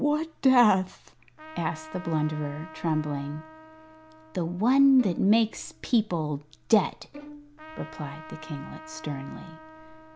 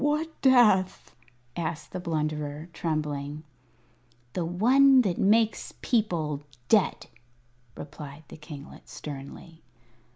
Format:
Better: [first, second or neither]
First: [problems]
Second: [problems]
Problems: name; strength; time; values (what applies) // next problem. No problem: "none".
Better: second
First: background sound (Trumpet + Bowed string instrument); 18 dB below the speech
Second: none